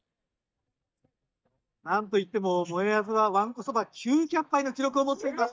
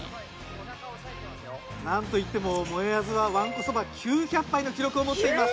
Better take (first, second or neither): second